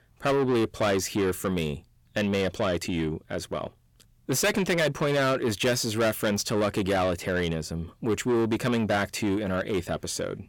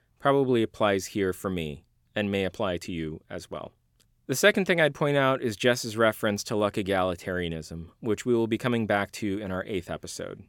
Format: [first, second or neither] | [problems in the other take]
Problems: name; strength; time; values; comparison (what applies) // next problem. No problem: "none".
second | distortion; heavy; 7 dB below the speech